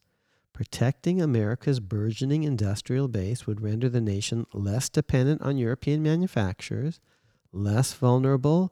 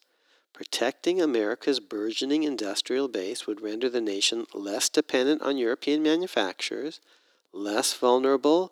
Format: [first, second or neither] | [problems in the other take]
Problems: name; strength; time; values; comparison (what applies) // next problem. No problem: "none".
first | thin; somewhat; fading below 300 Hz